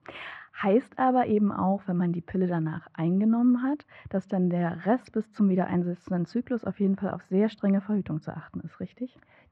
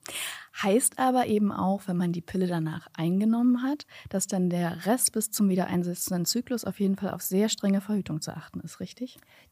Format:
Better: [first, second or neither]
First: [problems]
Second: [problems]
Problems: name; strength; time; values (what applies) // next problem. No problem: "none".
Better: second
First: muffled; very; fading above 2 kHz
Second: none